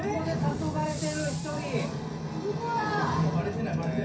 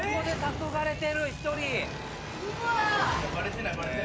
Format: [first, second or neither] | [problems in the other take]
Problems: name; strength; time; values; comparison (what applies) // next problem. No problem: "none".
second | background sound (Fireworks); 15 dB below the speech // room echo; dies away in 0.3 s